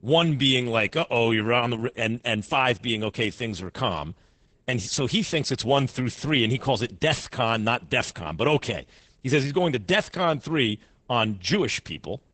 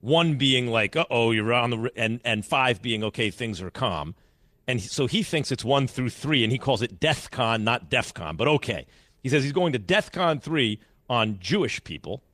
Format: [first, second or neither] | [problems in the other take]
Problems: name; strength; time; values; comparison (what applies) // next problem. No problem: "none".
second | garbled, watery; badly; nothing above 8 kHz; slightly in the second